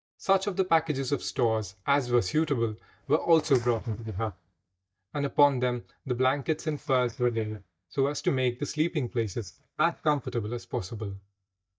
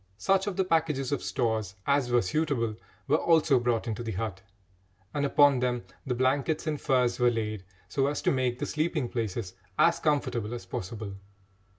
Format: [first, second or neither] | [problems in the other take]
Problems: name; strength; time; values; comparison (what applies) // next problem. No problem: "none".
second | noise reduction (neural mask model DeepFilterNet 3)